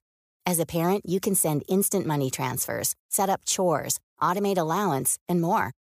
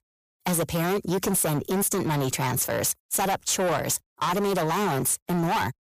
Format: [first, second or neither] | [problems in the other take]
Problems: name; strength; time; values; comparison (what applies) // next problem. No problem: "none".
first | distortion; heavy; 24% of the sound clipped